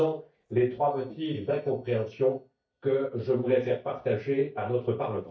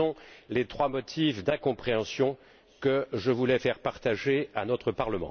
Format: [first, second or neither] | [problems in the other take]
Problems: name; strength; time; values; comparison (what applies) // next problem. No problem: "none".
second | noise reduction (neural mask model DeepFilterNet 3)